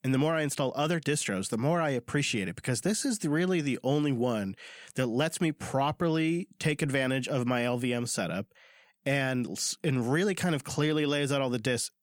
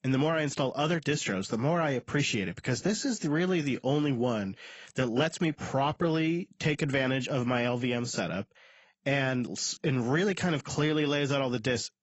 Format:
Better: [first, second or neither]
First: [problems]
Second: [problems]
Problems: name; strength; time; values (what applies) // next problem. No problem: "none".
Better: first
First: none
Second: garbled, watery; badly; nothing above 7.5 kHz